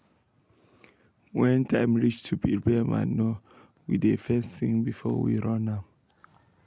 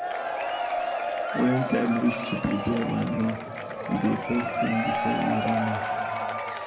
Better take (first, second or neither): first